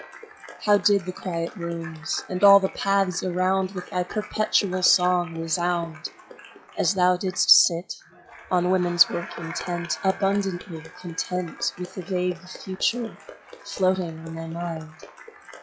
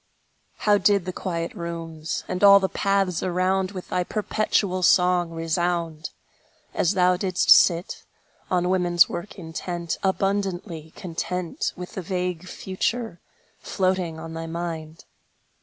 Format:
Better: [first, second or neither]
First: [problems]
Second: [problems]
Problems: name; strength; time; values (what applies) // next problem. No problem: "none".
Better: second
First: noise reduction (classical method log-MMSE)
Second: none